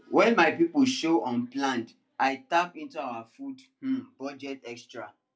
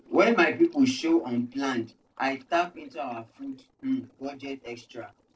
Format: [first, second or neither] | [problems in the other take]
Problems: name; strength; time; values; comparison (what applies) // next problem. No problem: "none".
first | noise reduction (neural separator model SepFormer DNS4)